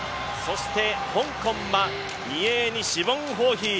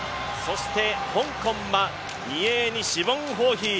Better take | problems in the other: second | background sound (Breathing); 15 dB below the speech

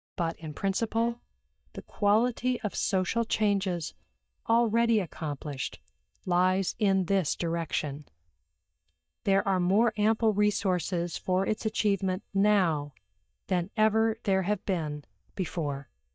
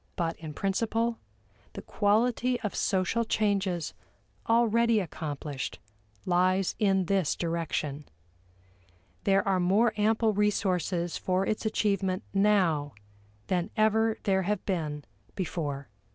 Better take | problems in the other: second | noise reduction (neural mask model DeepFilterNet 3)

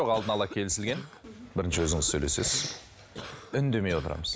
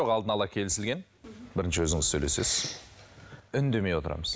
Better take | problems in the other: second | background sound (Cough); 14 dB below the speech

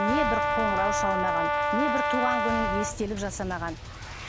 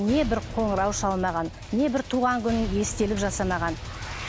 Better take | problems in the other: second | background sound (Brass instrument); 3 dB above the speech

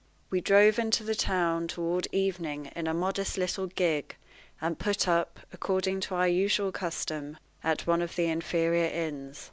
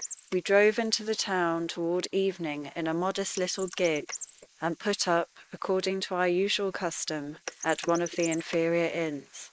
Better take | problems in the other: first | noise reduction (neural mask model Resemble Enhance denoiser)

